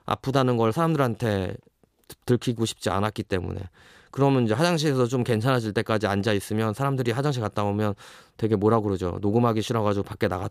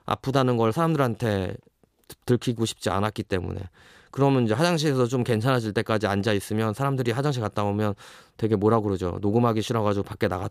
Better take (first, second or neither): neither